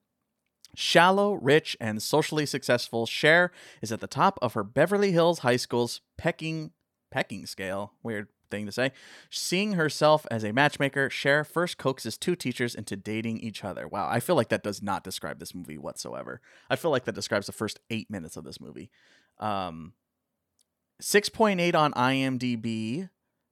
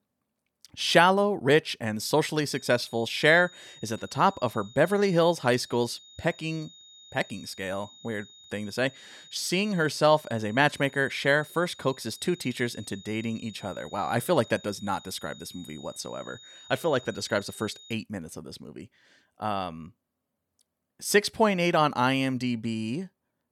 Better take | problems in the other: first | high-pitched whine; faint; from 2.5 to 18 s; 3.5 kHz, 20 dB below the speech

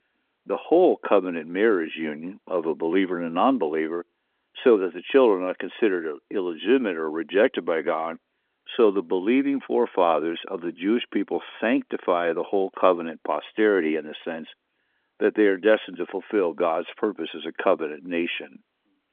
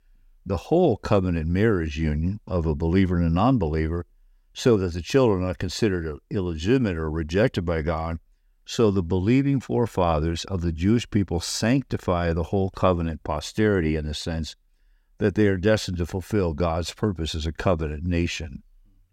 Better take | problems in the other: second | phone-call audio; nothing above 3.5 kHz

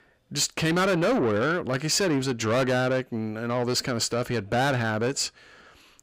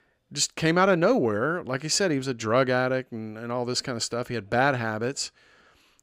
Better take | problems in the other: second | distortion; heavy; 7 dB below the speech

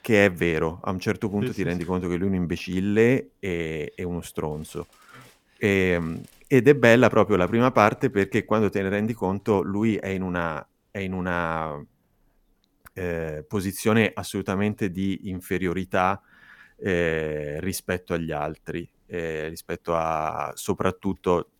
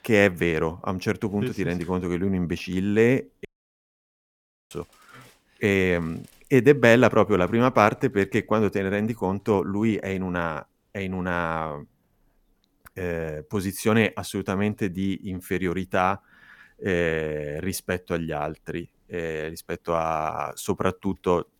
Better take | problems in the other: first | audio cutting out; at 3.5 s for 1.5 s

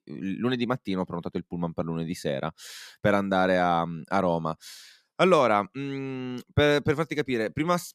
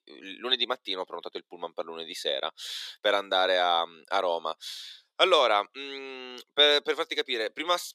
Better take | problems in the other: first | thin; very; fading below 400 Hz

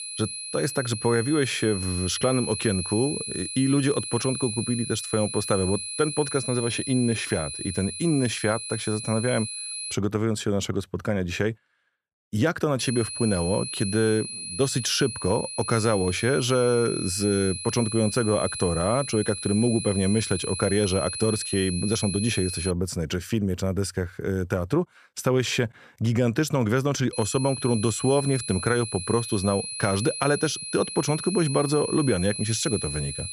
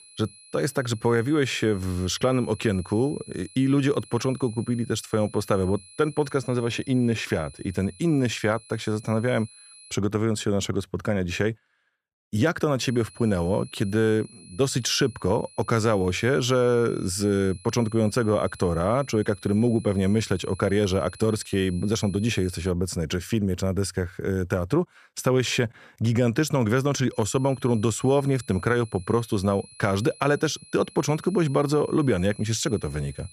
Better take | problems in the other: second | high-pitched whine; loud; until 10 s, from 13 to 23 s and from 27 s on; 10 kHz, 6 dB below the speech; faint in the second

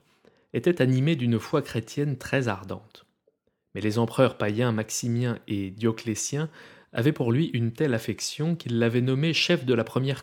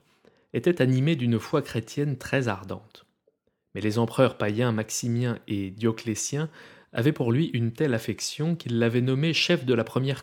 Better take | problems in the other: neither | none

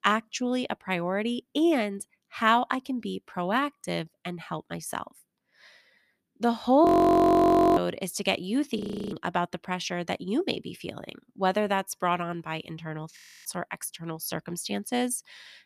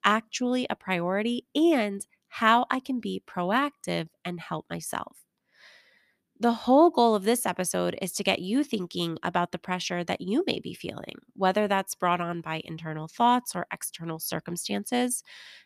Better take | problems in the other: second | audio freezing; at 7 s for 1 s, at 9 s and at 13 s

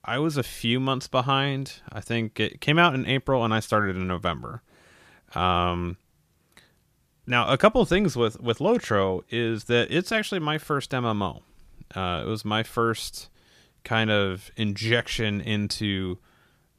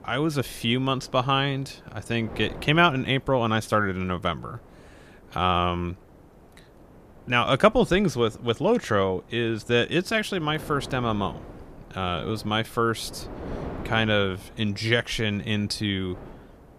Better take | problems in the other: first | wind noise on the microphone; occasional gusts; 20 dB below the speech

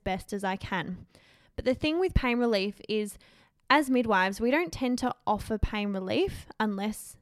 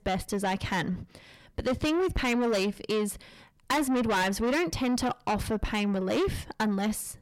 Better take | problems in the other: first | distortion; heavy; 6 dB below the speech

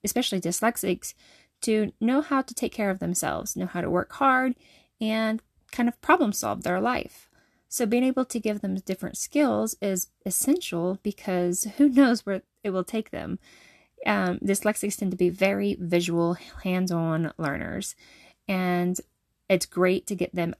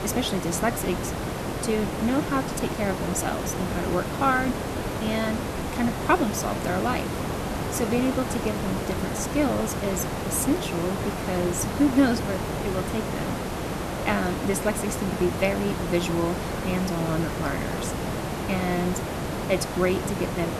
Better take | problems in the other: first | hiss; loud; throughout; 2 dB below the speech

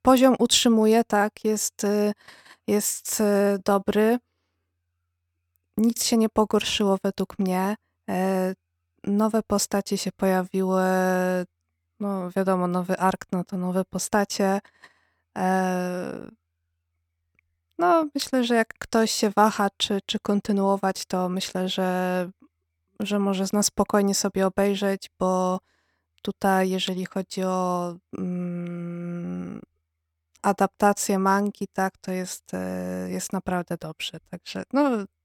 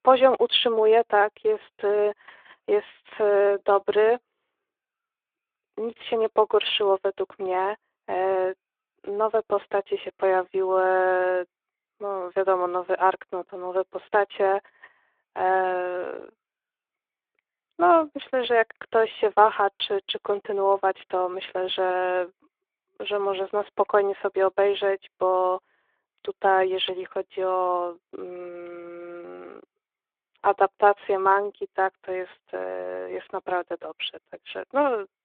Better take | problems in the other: first | phone-call audio; nothing above 3.5 kHz

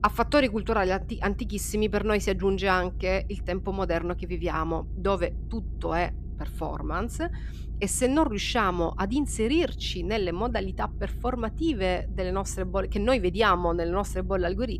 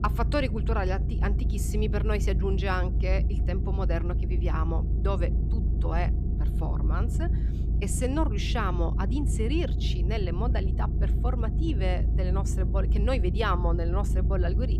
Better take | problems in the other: first | low rumble; loud; throughout; 9 dB below the speech; faint in the first

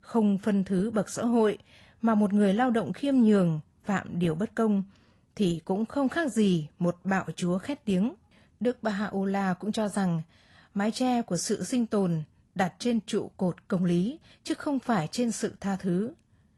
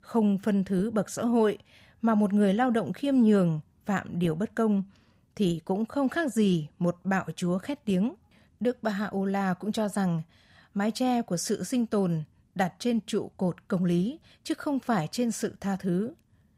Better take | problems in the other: second | garbled, watery; slightly; nothing above 11.5 kHz

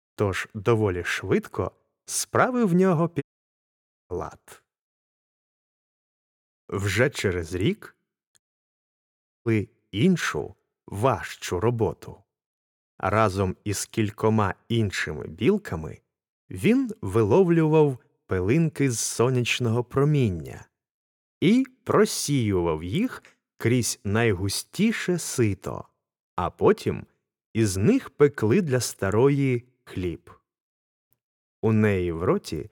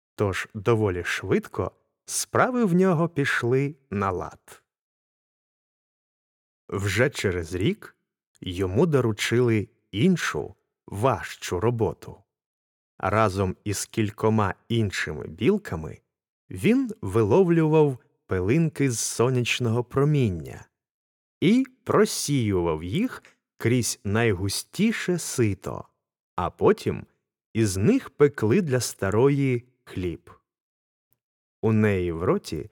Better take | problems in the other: second | audio cutting out; at 3 s for 1 s and at 8.5 s for 1 s

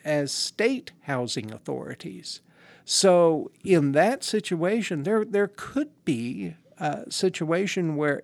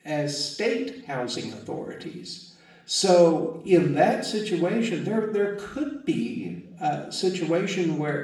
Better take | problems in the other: first | room echo; noticeable; dies away in 0.7 s // off-mic speech; far

